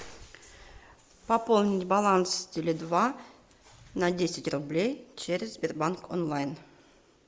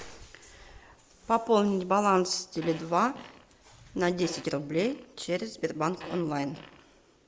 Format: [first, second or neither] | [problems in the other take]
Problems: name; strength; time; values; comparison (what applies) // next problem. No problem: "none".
first | background sound (Fart); 17 dB below the speech